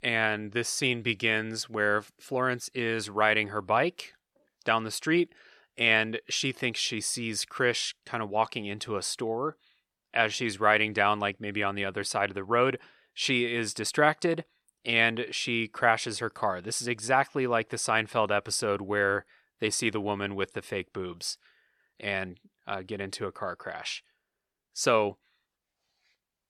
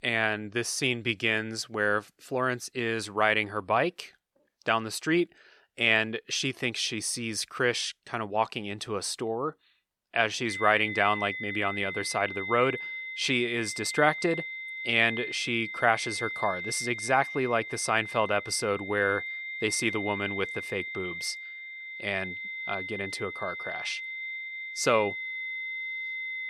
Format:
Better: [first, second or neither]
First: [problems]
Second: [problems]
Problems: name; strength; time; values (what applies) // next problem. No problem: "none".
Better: first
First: none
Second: high-pitched whine; loud; from 10 s on; 2 kHz, 6 dB below the speech